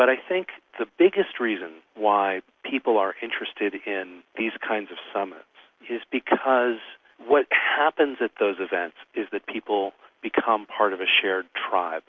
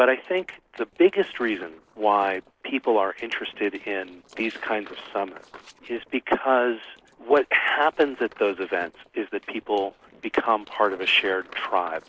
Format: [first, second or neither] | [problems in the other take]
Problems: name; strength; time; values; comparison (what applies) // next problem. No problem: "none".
first | noise reduction (neural separator model SepFormer DNS4)